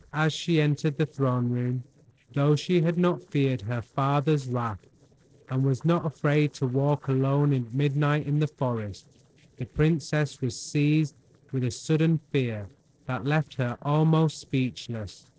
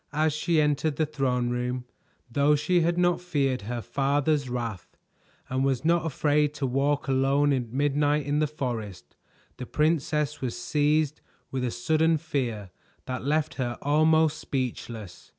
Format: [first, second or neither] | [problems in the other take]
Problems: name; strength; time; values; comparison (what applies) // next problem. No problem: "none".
second | noise reduction (neural separator model SepFormer DNS4)